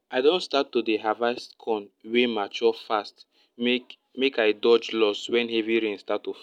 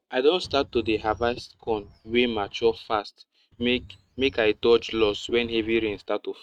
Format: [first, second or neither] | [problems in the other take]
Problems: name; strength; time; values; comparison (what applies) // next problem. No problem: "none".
first | noise reduction (neural mask model RNNoise)